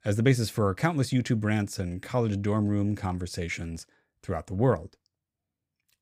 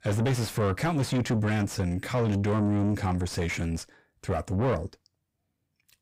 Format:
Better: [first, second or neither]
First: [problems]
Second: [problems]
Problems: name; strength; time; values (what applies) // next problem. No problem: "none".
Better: first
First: none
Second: distortion; heavy; 6 dB below the speech